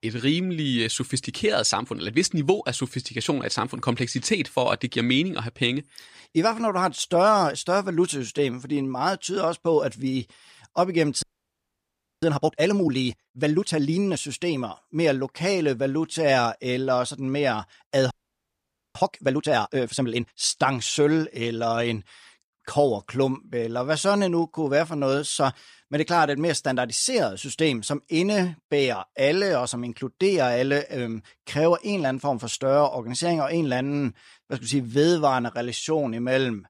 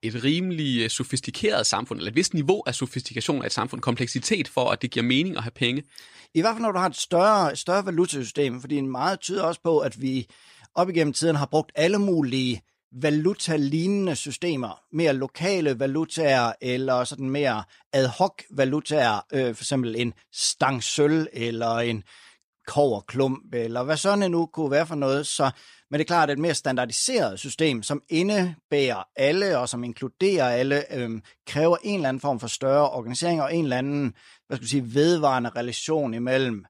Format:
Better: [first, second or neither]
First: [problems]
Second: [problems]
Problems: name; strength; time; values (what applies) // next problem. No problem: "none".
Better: second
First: audio freezing; at 11 s for 1 s and at 18 s for 1 s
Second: none